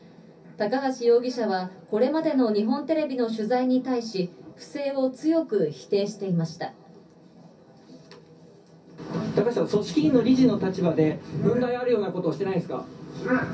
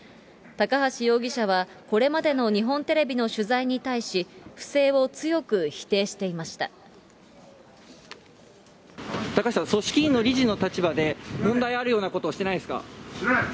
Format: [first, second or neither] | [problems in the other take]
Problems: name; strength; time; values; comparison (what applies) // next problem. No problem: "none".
second | room echo; dies away in 0.3 s